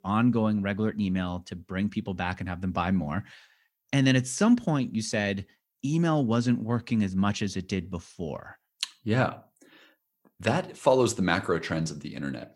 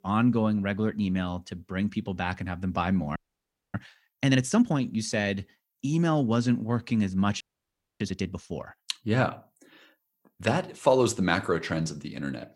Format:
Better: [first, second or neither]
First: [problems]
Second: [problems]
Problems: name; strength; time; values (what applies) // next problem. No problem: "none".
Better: first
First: none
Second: audio freezing; at 3 s for 0.5 s and at 7.5 s for 0.5 s